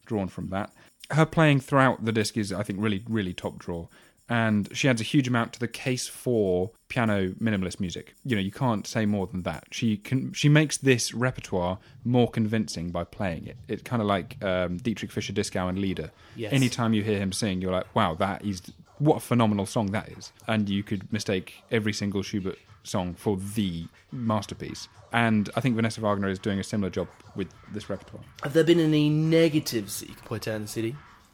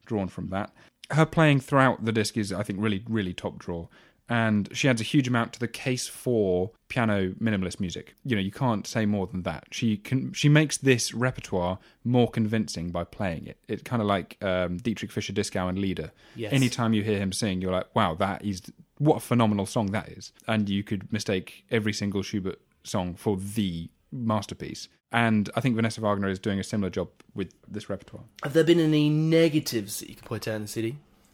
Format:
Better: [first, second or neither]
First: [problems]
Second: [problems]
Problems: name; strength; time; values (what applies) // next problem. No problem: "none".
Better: second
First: background music; faint; throughout; 30 dB below the speech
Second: none